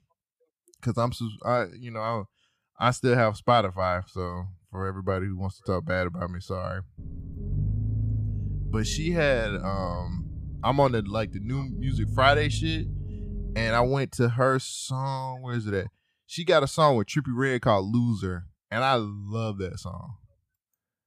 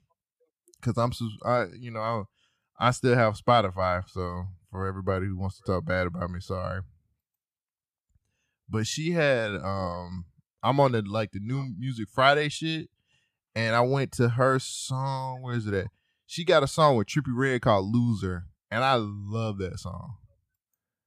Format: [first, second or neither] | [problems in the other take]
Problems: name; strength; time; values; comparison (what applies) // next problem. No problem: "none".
second | low rumble; noticeable; from 7 to 14 s; 20 dB below the speech